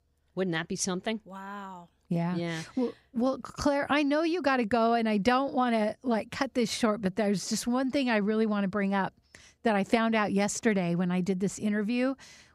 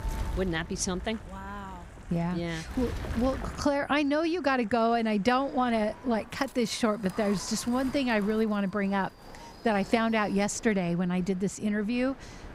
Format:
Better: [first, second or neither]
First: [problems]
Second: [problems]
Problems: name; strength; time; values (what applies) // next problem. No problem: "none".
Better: first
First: none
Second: wind noise on the microphone; occasional gusts; 15 dB below the speech